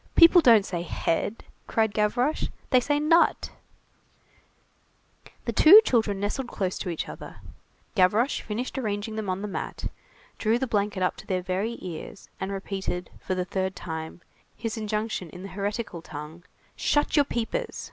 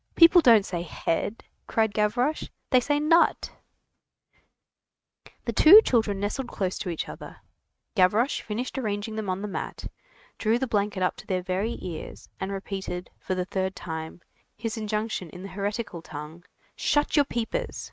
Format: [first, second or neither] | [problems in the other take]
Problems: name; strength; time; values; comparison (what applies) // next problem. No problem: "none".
first | noise reduction (neural mask model RNNoise)